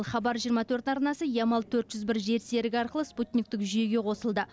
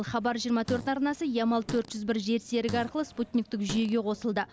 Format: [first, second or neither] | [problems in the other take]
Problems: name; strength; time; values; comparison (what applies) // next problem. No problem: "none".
first | background sound (Fart); 14 dB below the speech